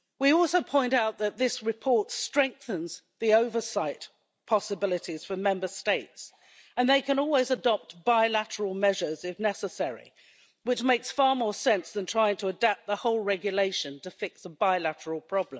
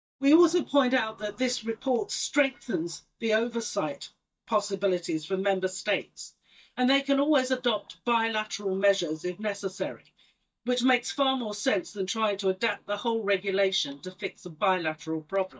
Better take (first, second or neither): first